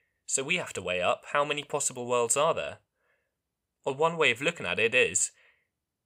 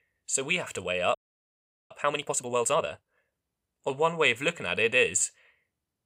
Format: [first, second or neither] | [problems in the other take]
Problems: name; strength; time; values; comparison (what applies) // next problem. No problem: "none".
first | audio freezing; at 1 s for 1 s